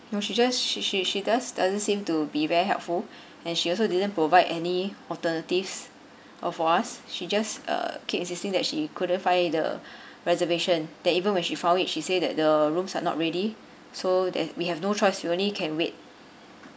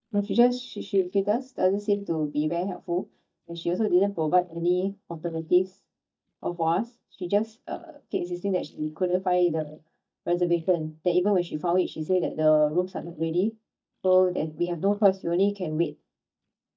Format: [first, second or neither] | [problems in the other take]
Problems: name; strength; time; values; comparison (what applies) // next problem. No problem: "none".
first | noise reduction (neural mask model DeepFilterNet 3)